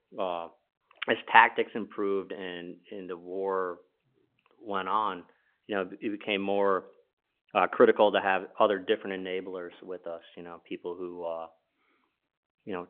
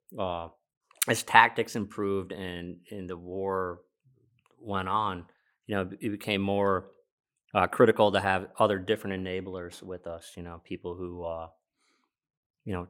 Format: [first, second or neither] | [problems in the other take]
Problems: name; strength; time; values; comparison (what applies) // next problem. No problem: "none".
second | phone-call audio; nothing above 3.5 kHz